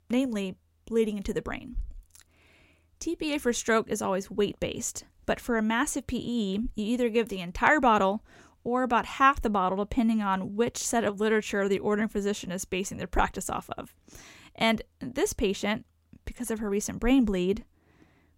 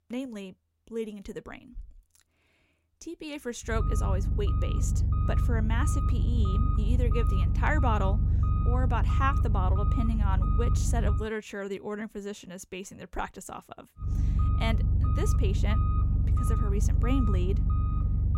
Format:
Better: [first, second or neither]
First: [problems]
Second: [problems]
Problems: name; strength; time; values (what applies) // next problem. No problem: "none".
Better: first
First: none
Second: low rumble; loud; from 3.5 to 11 s and from 14 s on; 4 dB below the speech